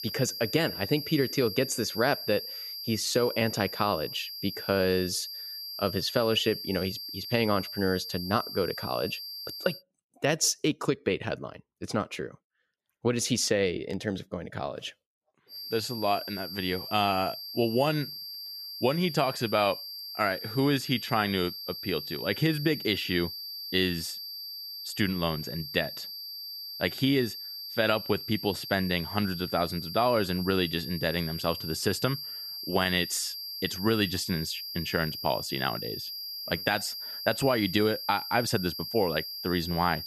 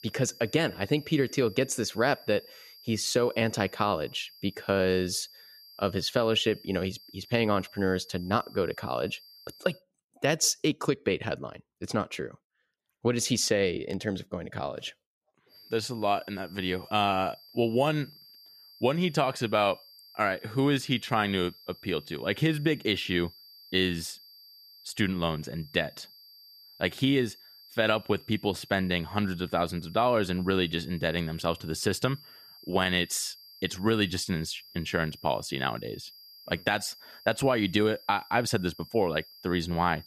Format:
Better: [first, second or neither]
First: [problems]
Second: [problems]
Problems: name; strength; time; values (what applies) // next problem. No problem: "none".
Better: second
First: high-pitched whine; loud; until 10 s and from 16 s on; 4.5 kHz, 7 dB below the speech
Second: high-pitched whine; faint; until 10 s and from 16 s on; 4.5 kHz, 20 dB below the speech